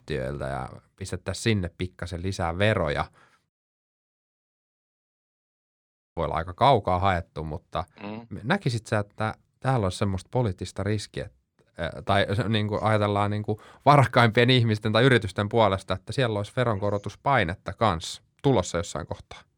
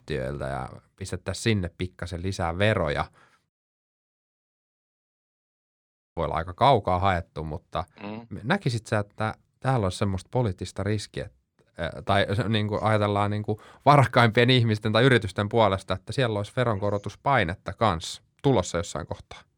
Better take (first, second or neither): neither